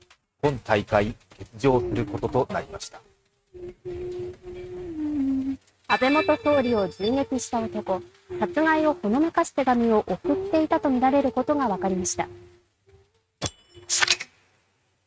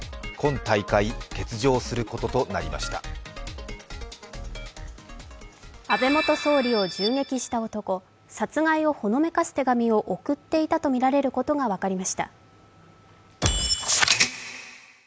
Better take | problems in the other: second | noise reduction (neural mask model RNNoise)

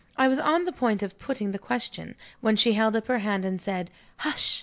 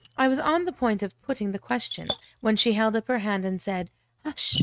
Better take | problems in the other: first | noise reduction (neural mask model RNNoise)

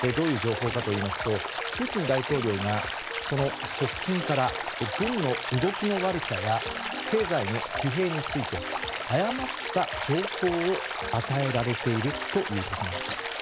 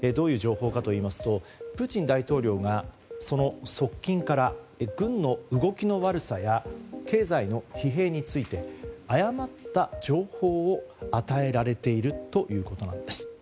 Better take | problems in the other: second | background sound (Stream); 4 dB below the speech

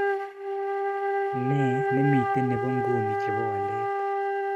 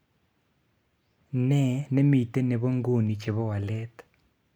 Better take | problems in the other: second | noise reduction (neural mask model RNNoise)

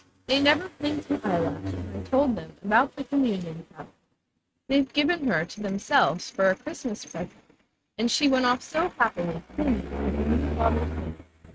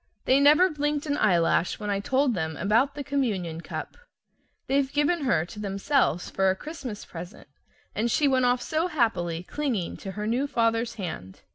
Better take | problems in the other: second | noise reduction (neural mask model RNNoise)

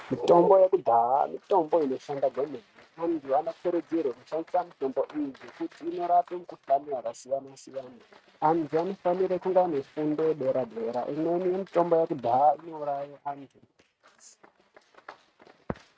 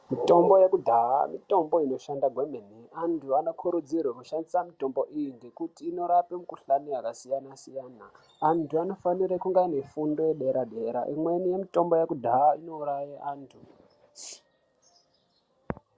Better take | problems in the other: second | noise reduction (neural mask model RNNoise)

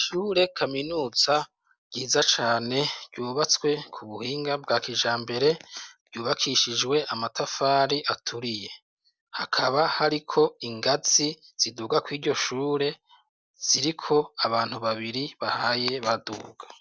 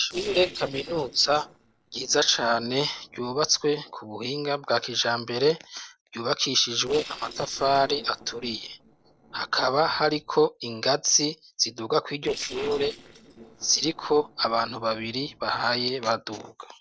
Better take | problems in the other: first | noise reduction (neural separator model SepFormer DNS4)

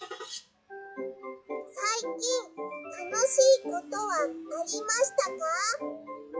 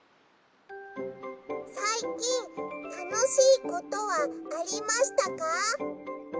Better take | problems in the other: second | noise reduction (classical method log-MMSE)

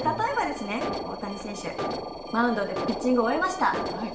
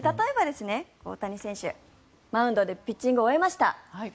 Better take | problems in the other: second | background sound (Alarm); 6 dB below the speech // room echo; dies away in 0.8 s

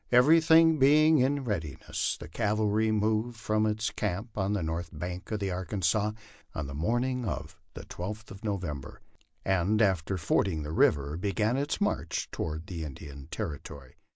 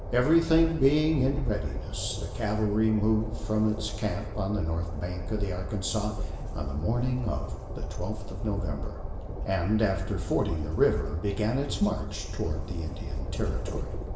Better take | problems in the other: first | background sound (Train); 4 dB below the speech // room echo; dies away in 0.8 s

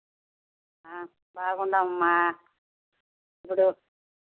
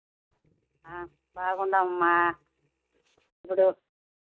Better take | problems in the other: first | noise reduction (neural mask model RNNoise)

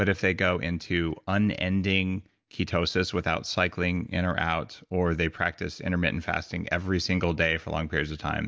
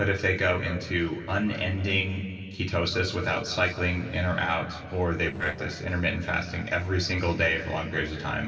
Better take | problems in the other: first | noise reduction (neural separator model SepFormer DNS4)

